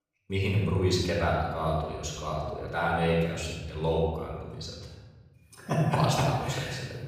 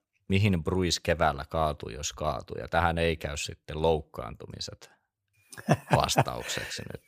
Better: second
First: off-mic speech; far // room echo; noticeable; dies away in 1.3 s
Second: none

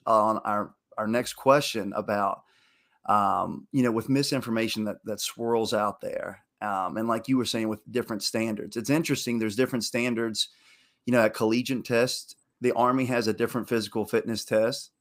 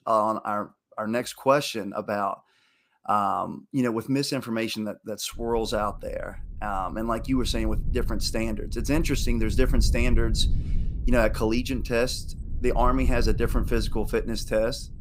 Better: first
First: none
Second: low rumble; faint; from 5.5 s on; 20 dB below the speech

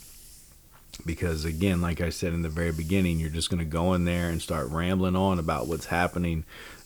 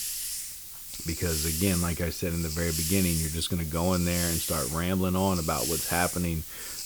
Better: first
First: hiss; faint; throughout; 20 dB below the speech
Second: hiss; loud; throughout; 2 dB below the speech

